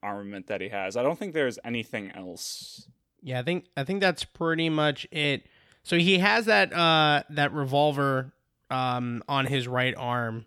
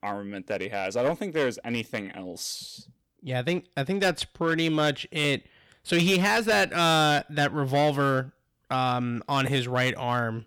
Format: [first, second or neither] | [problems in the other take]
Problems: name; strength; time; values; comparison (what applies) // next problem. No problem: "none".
first | distortion; slight; 6% of the sound clipped